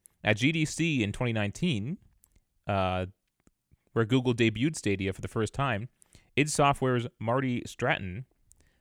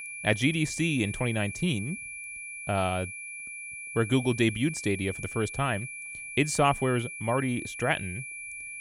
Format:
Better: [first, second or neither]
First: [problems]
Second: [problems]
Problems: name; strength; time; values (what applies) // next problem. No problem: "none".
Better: first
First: none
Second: high-pitched whine; loud; throughout; 2.5 kHz, 9 dB below the speech